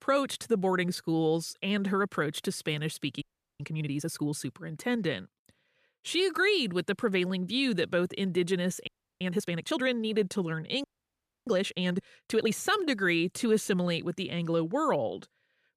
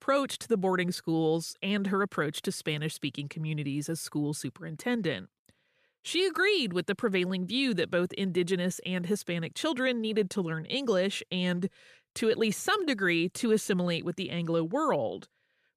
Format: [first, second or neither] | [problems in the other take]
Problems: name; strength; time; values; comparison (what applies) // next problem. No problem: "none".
second | audio freezing; at 3 s, at 9 s and at 11 s for 0.5 s